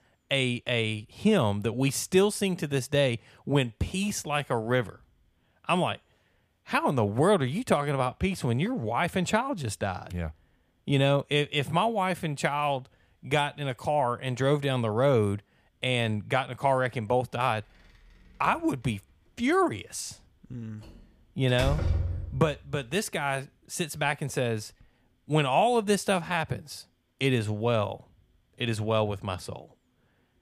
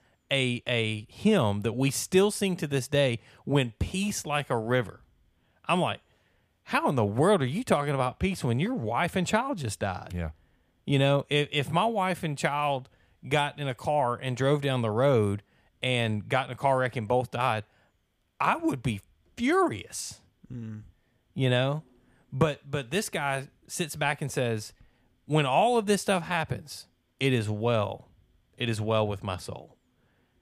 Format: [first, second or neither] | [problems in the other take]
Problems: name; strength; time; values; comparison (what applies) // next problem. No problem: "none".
second | door banging; noticeable; at 22 s; peak 1 dB below the speech